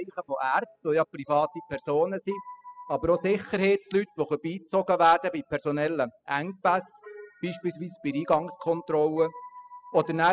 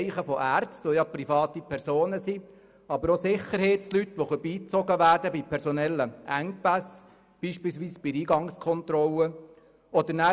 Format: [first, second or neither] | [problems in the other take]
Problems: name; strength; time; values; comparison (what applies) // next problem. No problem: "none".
second | noise reduction (classical method spectral subtraction)